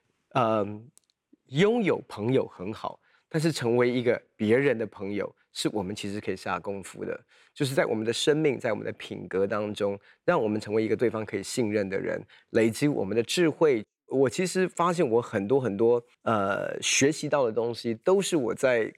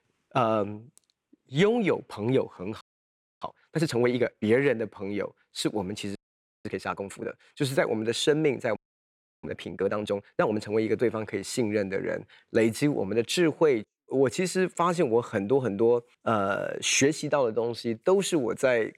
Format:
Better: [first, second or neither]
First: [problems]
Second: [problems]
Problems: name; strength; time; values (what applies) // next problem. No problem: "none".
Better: first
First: none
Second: audio freezing; at 3 s for 0.5 s, at 6 s for 0.5 s and at 9 s for 0.5 s